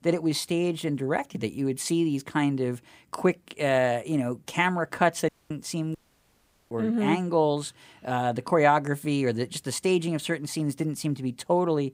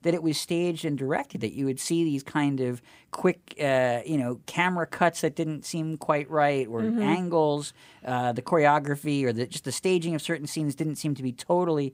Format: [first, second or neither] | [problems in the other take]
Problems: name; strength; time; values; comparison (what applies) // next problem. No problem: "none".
second | audio cutting out; at 5.5 s and at 6 s for 1 s